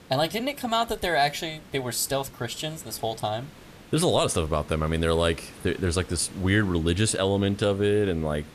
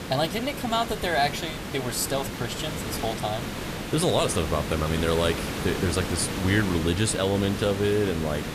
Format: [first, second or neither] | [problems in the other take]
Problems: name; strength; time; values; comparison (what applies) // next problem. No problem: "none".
first | hiss; loud; throughout; 6 dB below the speech; faint in the first